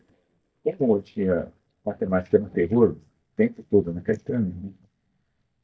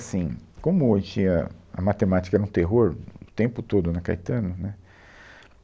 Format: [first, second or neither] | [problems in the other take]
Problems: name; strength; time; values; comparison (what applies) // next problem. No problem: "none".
second | noise reduction (neural mask model DeepFilterNet 3)